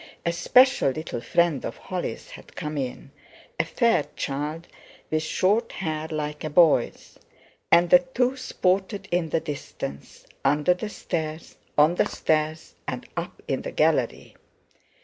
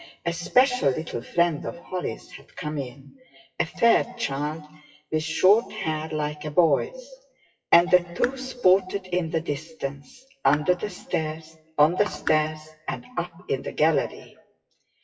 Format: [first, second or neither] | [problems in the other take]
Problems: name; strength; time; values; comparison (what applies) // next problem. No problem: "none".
first | noise reduction (classical method WPE with log-MMSE)